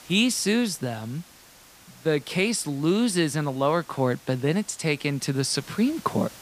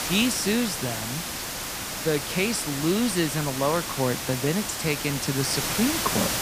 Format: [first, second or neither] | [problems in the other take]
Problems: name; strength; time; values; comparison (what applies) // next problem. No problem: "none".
first | hiss; loud; throughout; 2 dB below the speech; faint in the first